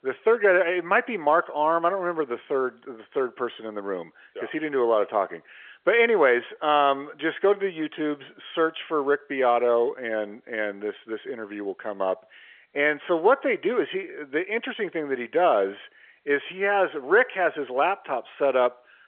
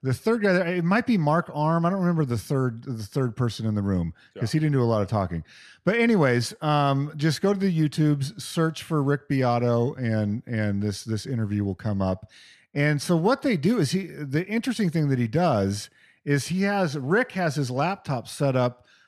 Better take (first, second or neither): second